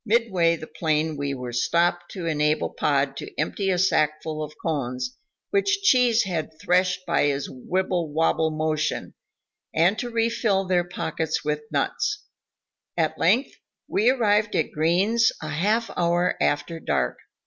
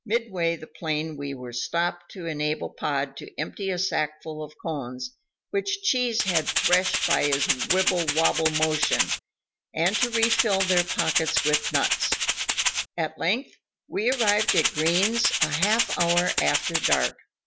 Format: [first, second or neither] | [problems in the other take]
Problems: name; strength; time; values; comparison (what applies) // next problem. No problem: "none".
first | background sound (Rattle (instrument)); 2 dB above the speech